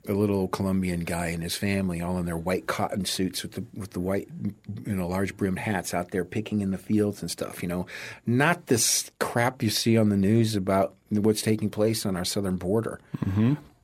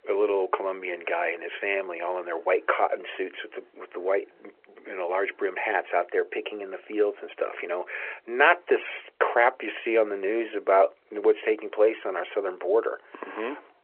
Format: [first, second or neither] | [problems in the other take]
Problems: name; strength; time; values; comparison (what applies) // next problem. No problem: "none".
first | phone-call audio